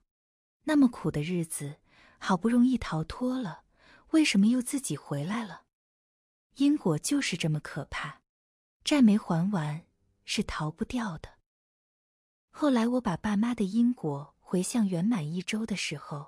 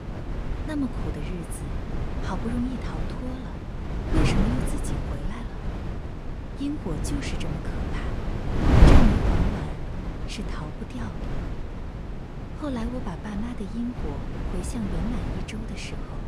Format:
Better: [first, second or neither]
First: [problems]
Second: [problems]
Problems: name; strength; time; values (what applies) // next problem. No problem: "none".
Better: first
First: none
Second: wind noise on the microphone; heavy; 2 dB above the speech